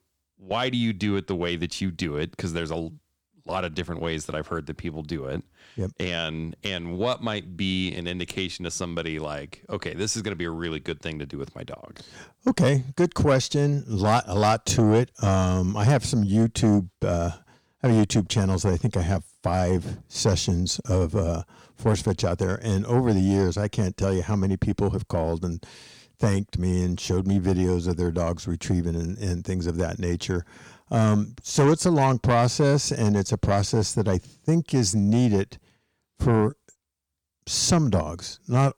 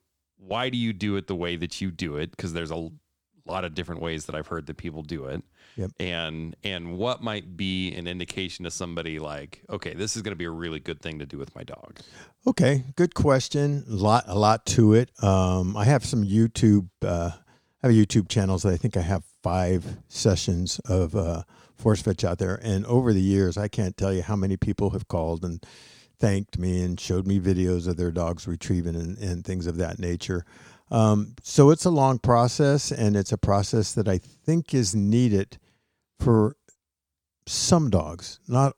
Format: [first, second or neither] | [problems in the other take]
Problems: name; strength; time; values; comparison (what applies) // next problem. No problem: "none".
second | distortion; slight; 10 dB below the speech